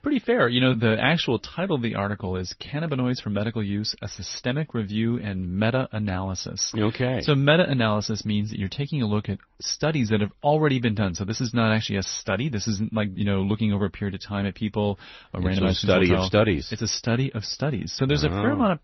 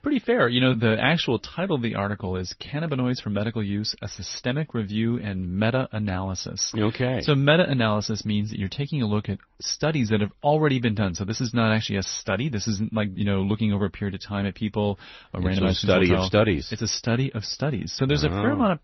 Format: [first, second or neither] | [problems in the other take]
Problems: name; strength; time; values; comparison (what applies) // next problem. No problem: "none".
neither | garbled, watery; slightly; nothing above 6 kHz; the same in both